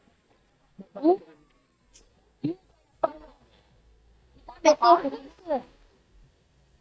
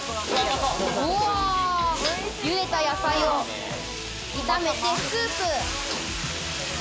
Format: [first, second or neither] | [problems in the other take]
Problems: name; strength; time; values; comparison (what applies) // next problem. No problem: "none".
second | noise reduction (neural mask model DeepFilterNet 3)